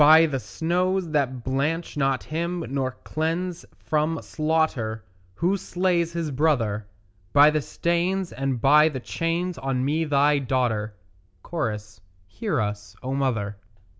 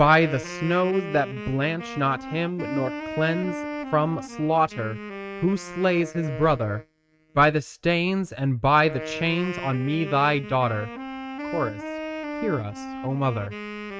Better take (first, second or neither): first